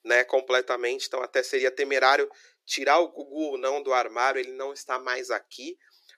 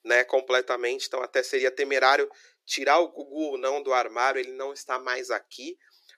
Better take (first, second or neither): neither